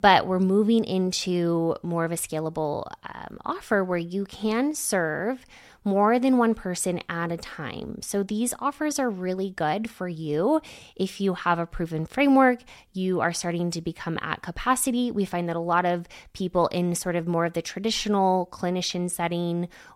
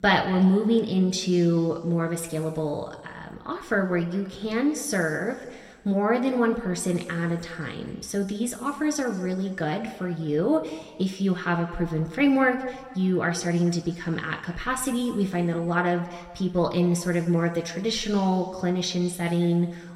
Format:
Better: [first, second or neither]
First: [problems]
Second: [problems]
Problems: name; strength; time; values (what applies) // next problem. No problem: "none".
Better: first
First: none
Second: room echo; slight; dies away in 1.6 s